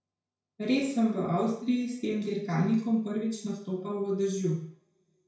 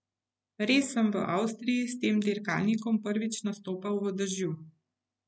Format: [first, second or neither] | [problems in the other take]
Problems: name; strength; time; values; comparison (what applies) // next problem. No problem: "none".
second | room echo; dies away in 0.6 s